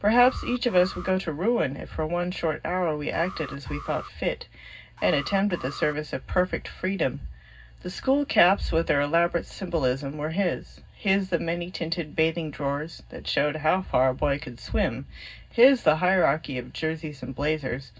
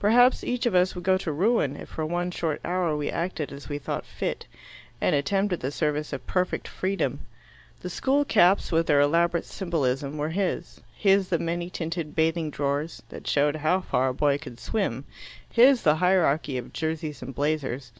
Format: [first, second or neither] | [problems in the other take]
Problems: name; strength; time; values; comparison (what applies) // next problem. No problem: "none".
second | background sound (Alarm); 17 dB below the speech // room echo; dies away in 0.4 s